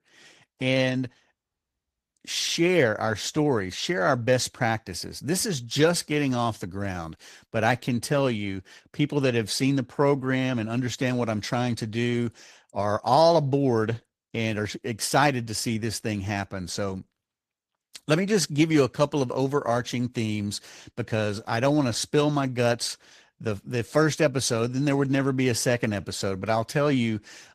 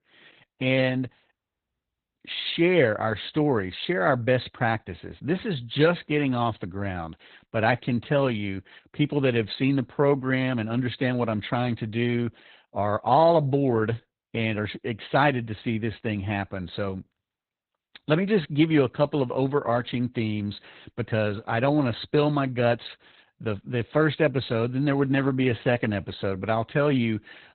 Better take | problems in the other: first | garbled, watery; badly; nothing above 4 kHz; slightly in the first

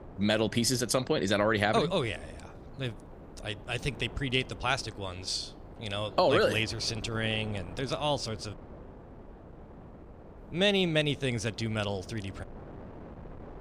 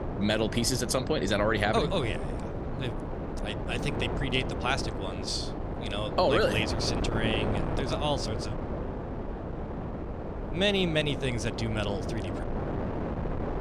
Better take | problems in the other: first | wind noise on the microphone; heavy; 7 dB below the speech; occasional gusts in the first

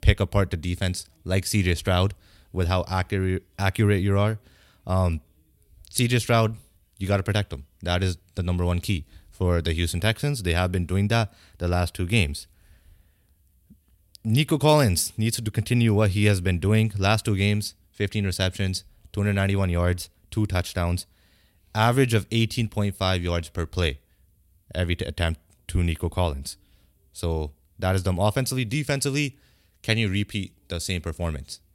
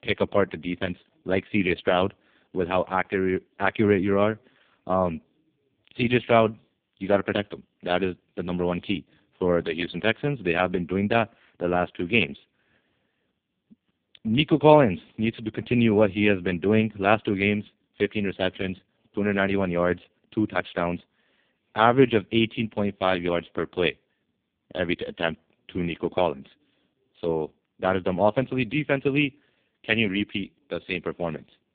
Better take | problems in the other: first | phone-call audio; poor line

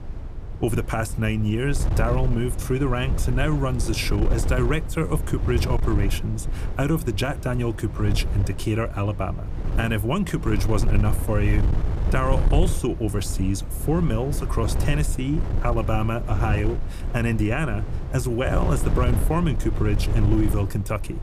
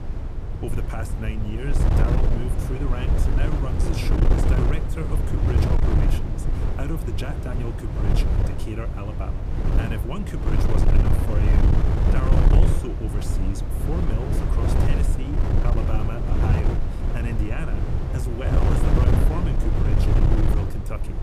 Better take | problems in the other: first | wind noise on the microphone; heavy; 3 dB above the speech; occasional gusts in the first

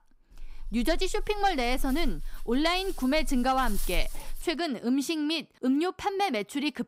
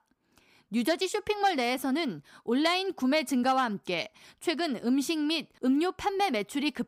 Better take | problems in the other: second | dog barking; noticeable; until 4.5 s; peak 7 dB below the speech

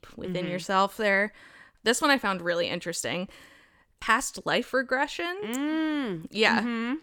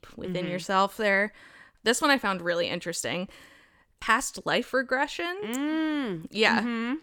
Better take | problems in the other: neither | none

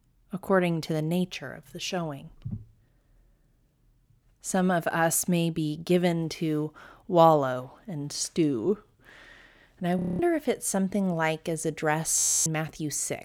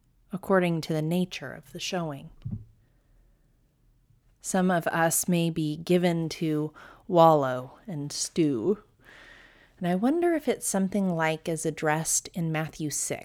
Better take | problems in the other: second | audio freezing; at 10 s and at 12 s

